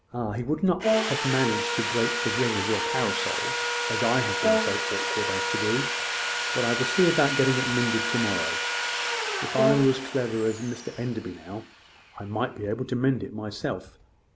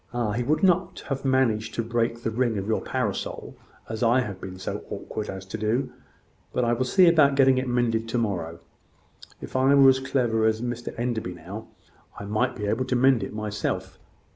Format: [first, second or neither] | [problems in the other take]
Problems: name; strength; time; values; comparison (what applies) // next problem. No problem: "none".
second | background sound (Brass instrument + Sawing); as loud as the speech